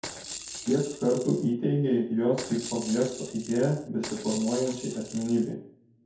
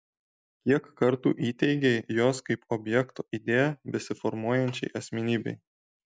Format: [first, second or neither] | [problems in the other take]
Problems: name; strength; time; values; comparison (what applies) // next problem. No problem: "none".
second | background sound (Rattle / Rattle (instrument)); 12 dB below the speech // room echo; dies away in 0.6 s